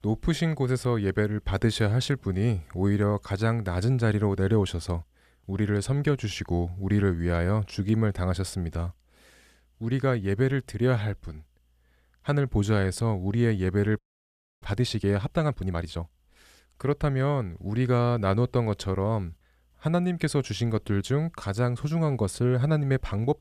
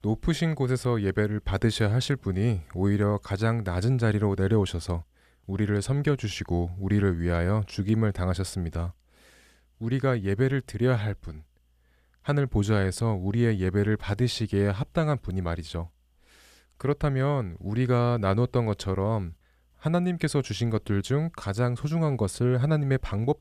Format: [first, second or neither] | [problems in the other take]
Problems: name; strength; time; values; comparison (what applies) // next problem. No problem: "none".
second | audio freezing; at 14 s for 0.5 s